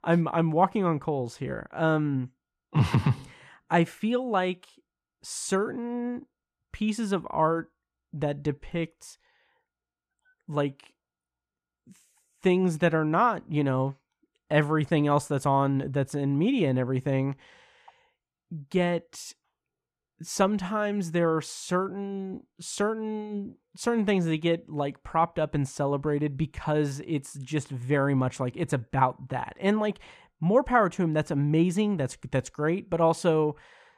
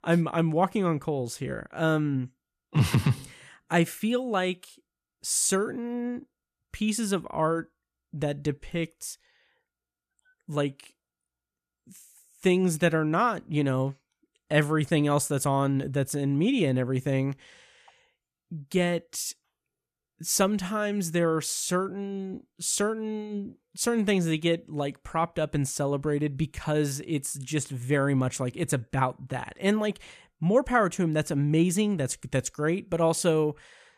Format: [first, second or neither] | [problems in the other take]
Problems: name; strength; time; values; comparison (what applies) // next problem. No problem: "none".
second | muffled; slightly; fading above 1.5 kHz